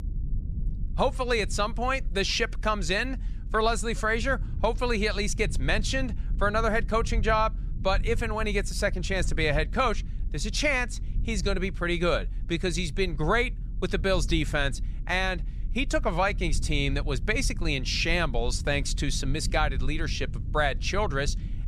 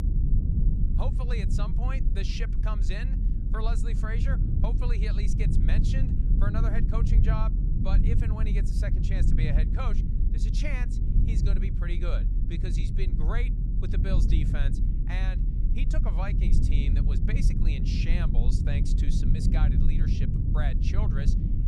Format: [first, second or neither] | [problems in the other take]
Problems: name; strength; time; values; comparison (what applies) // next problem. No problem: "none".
first | low rumble; loud; throughout; 2 dB below the speech; faint in the first